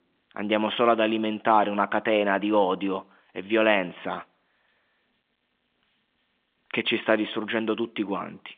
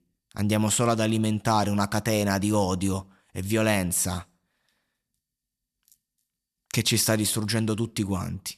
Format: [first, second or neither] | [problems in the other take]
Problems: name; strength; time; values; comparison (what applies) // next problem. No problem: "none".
second | phone-call audio; nothing above 3 kHz